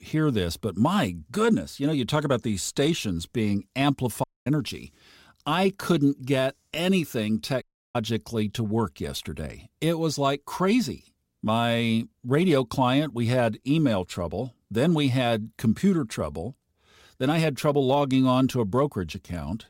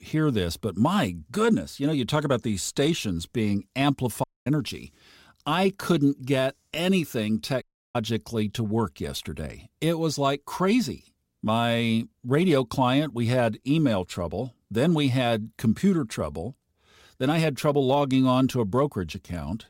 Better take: neither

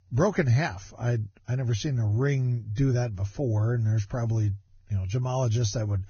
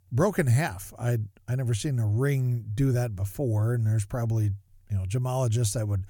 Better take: second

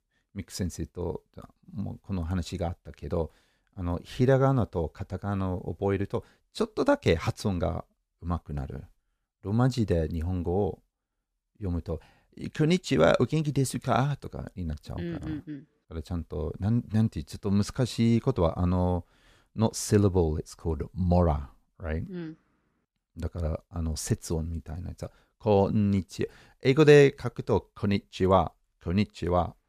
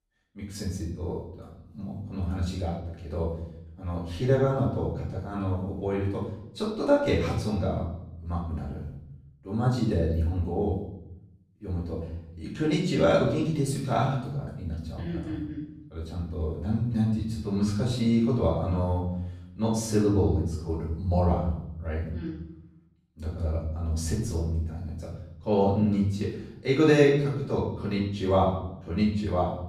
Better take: first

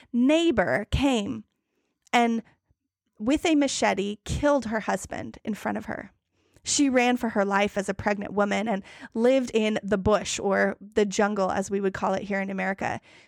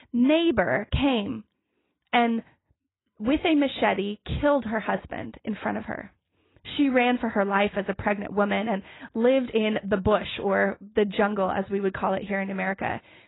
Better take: first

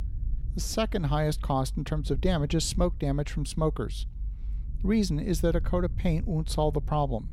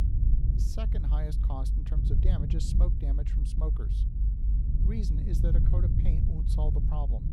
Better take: first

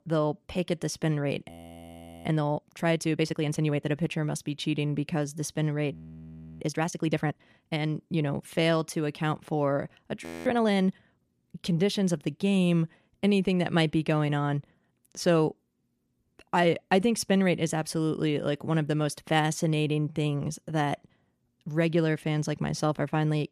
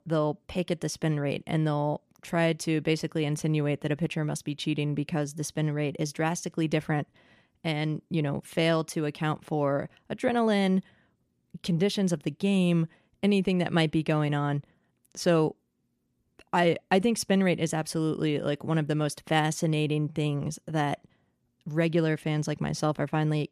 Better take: second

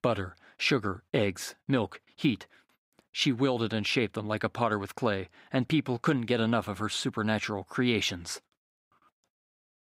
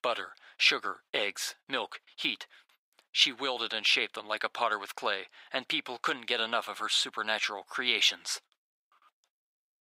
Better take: first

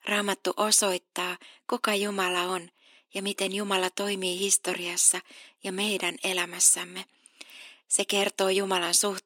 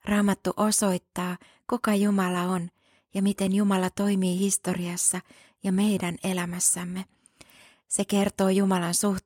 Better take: second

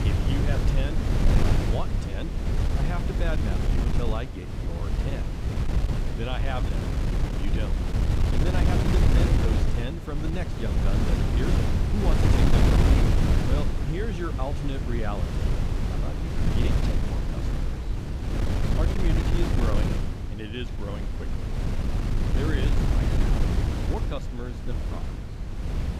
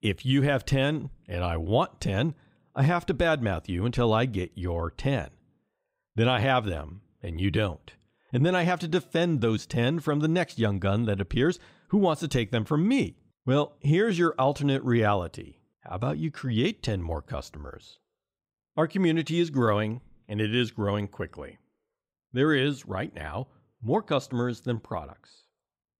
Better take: second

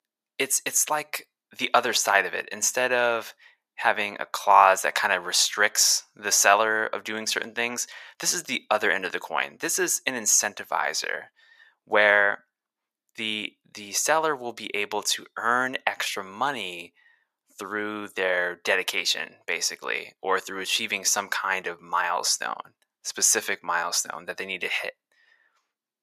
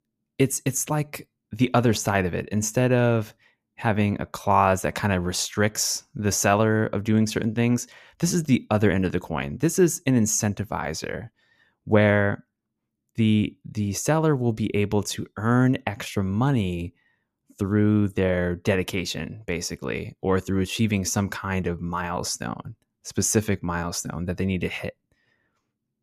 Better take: second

